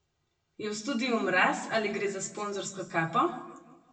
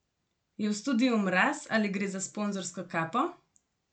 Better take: second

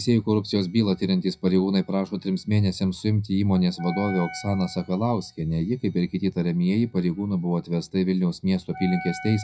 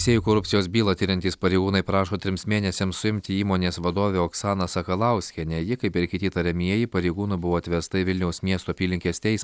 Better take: second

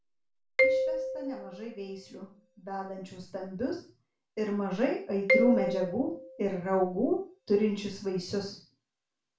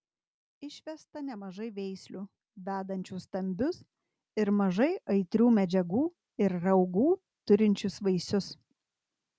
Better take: second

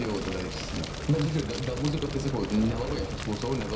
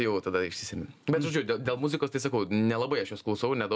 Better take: second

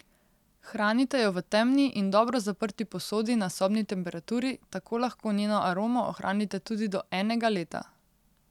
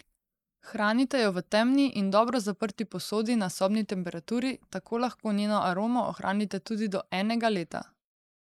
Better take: first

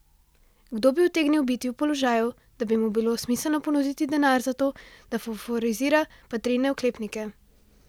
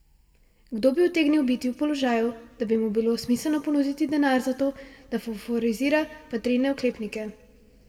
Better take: first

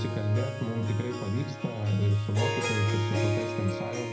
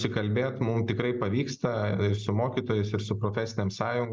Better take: second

